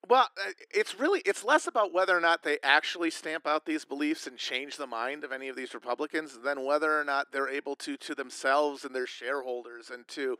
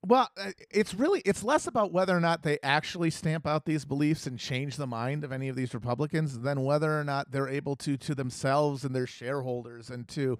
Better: second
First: thin; somewhat; fading below 300 Hz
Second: none

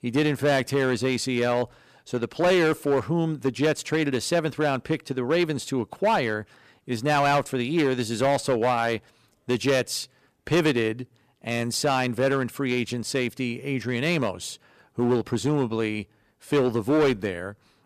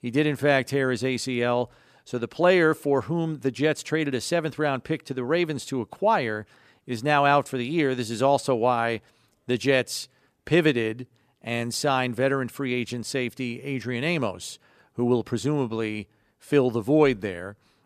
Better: second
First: distortion; slight; 6% of the sound clipped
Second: none

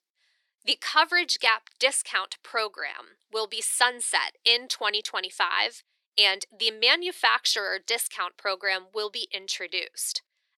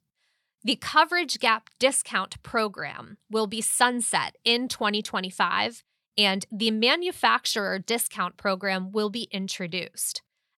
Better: second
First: thin; very; fading below 350 Hz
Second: none

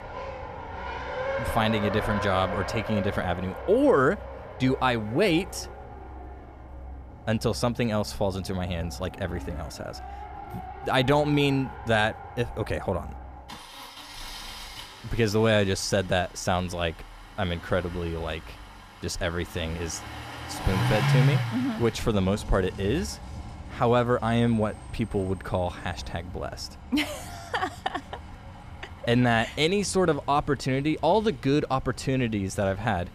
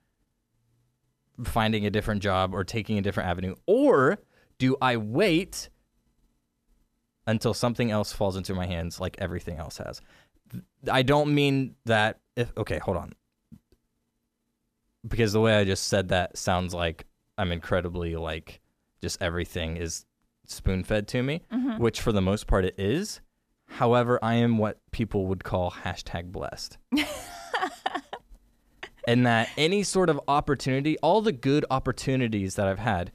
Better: second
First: traffic noise; loud; throughout; 9 dB below the speech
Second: none

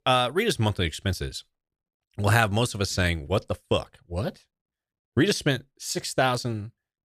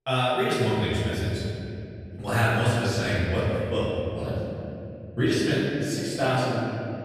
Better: first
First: none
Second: room echo; strong; dies away in 3 s // off-mic speech; far

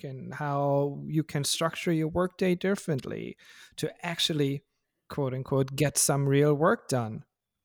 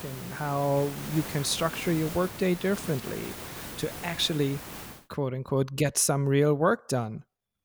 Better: first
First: none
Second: hiss; noticeable; until 5 s; 10 dB below the speech

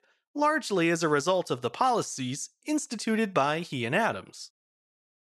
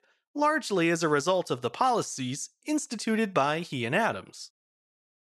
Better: neither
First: none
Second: none

